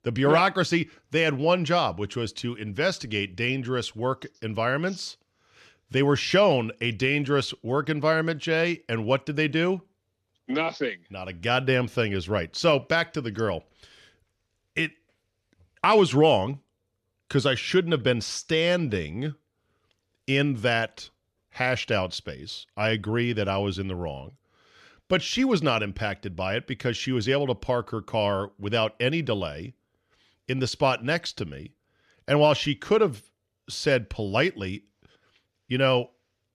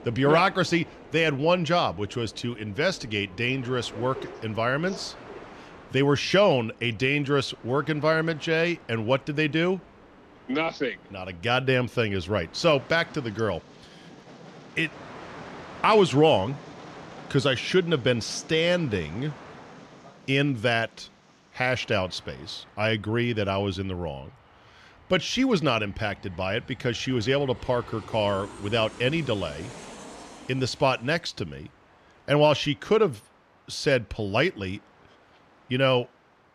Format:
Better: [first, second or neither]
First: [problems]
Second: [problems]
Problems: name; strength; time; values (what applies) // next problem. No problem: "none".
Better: first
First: none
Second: train or aircraft noise; faint; throughout; 20 dB below the speech